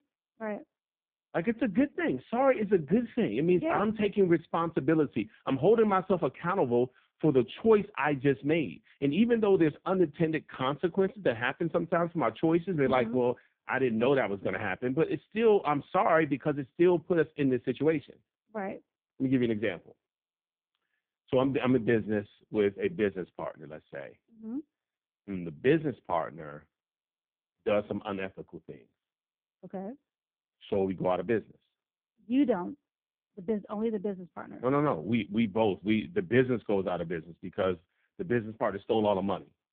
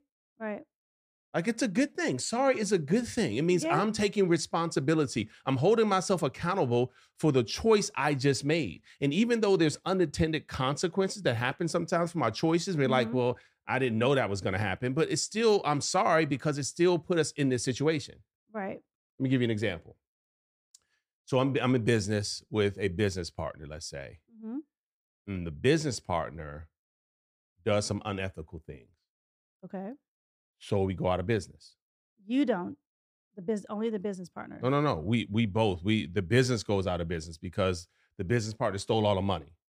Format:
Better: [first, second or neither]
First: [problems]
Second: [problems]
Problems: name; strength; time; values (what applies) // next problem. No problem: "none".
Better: second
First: phone-call audio; poor line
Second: none